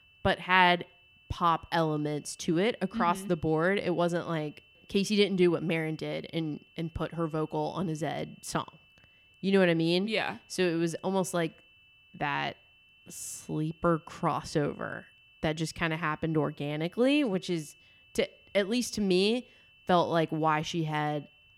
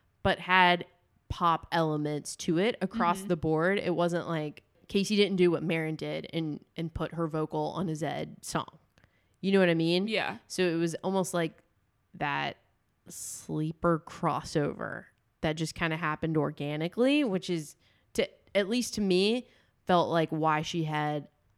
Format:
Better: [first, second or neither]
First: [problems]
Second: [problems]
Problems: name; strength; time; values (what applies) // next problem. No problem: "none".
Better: second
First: high-pitched whine; faint; throughout; 2.5 kHz, 30 dB below the speech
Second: none